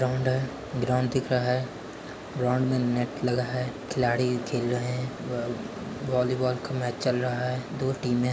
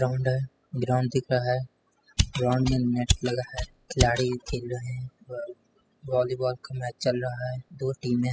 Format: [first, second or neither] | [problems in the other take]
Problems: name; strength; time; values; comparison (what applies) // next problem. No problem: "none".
first | noise reduction (classical method spectral subtraction)